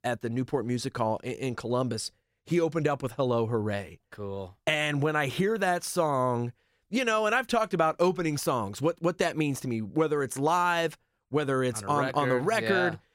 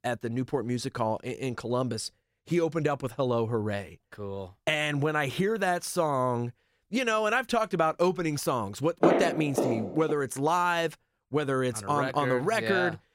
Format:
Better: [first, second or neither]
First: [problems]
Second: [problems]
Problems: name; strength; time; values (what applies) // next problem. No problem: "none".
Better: first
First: none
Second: footsteps; loud; from 9 to 10 s; peak 4 dB above the speech